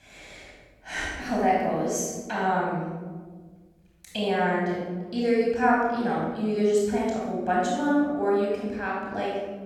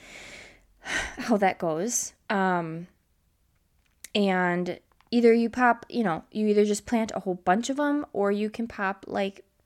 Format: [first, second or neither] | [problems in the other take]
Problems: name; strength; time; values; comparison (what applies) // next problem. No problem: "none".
second | off-mic speech; far // room echo; strong; dies away in 1.4 s